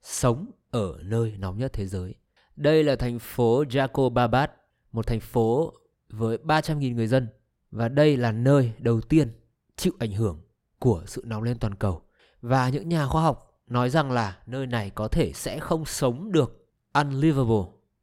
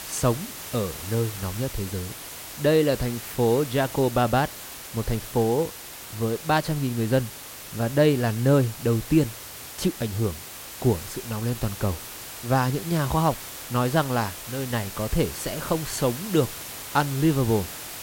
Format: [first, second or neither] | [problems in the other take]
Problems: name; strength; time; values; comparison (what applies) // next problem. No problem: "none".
first | hiss; noticeable; throughout; 10 dB below the speech